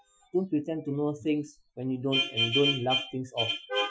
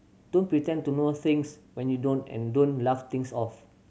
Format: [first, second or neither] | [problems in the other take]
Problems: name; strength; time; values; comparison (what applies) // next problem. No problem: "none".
second | noise reduction (classical method Wiener filter)